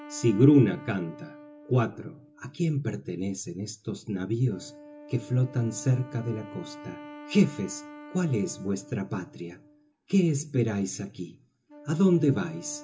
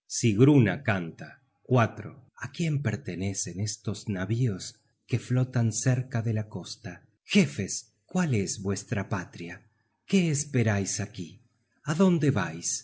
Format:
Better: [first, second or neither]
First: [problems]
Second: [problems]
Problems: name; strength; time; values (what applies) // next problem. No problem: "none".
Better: second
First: background sound (Wind instrument, woodwind instrument); 19 dB below the speech // room echo; dies away in 0.2 s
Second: none